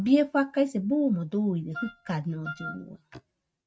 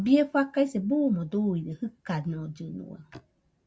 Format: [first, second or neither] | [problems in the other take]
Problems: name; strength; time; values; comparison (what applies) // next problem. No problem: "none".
second | noise reduction (neural mask model RNNoise)